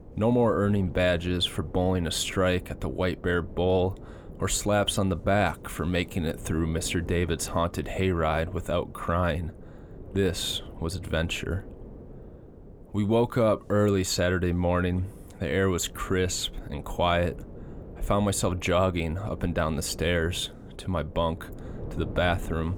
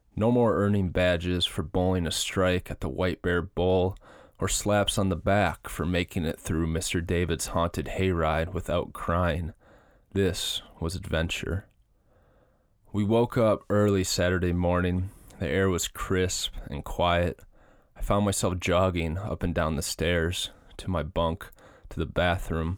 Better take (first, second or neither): second